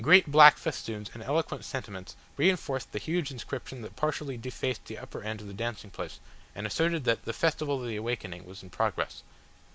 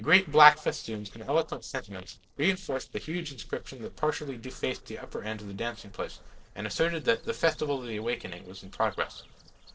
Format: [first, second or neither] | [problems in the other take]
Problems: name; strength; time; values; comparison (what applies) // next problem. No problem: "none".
first | noise reduction (neural separator model SepFormer DNS4)